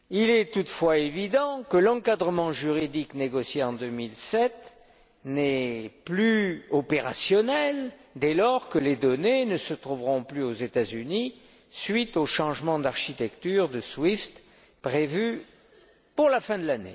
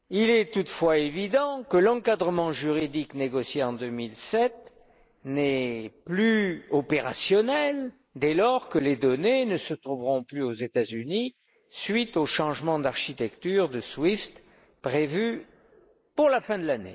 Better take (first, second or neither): first